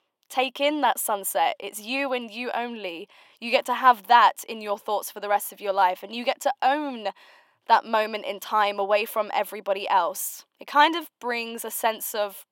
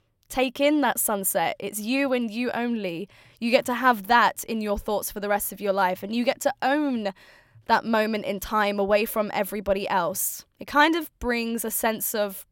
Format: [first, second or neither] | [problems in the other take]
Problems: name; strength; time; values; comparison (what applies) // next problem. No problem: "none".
second | thin; somewhat; fading below 300 Hz